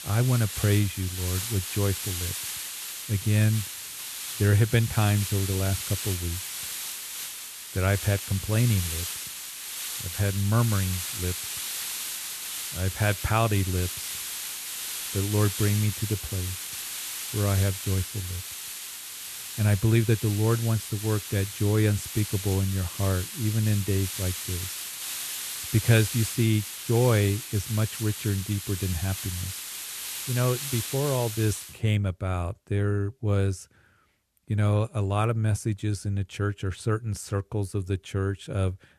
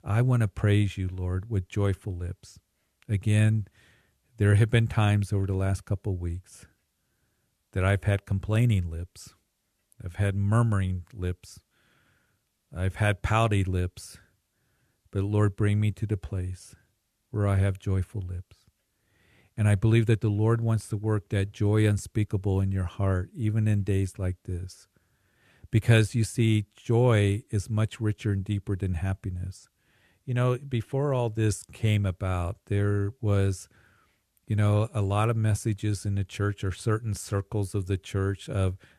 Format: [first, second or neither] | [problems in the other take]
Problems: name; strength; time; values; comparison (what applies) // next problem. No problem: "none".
second | hiss; loud; until 32 s; 6 dB below the speech